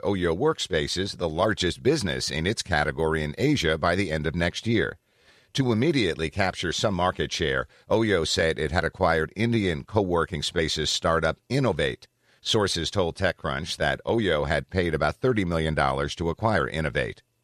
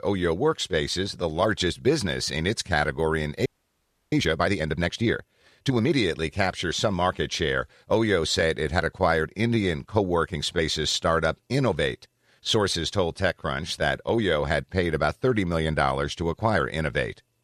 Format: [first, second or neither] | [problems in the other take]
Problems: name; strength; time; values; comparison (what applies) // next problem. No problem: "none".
first | audio freezing; at 3.5 s for 0.5 s